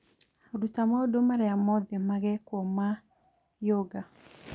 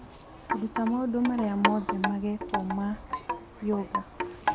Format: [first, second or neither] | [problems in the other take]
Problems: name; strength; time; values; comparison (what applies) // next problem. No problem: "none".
first | background sound (Wind chime); 2 dB below the speech